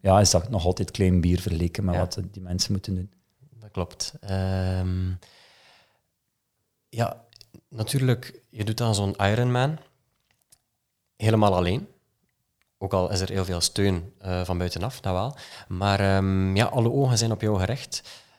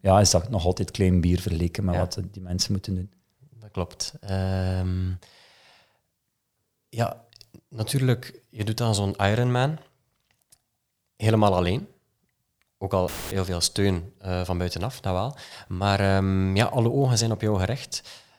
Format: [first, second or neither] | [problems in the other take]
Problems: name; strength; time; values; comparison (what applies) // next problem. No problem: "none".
first | audio cutting out; filled with static; at 13 s